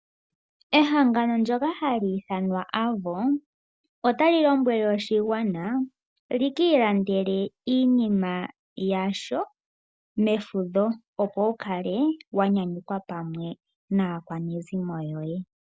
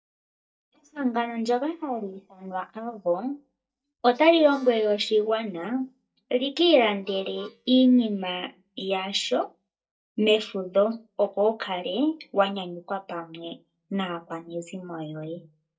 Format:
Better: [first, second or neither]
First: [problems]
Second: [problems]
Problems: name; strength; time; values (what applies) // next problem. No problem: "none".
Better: first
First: none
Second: noise reduction (neural mask model DeepFilterNet 3)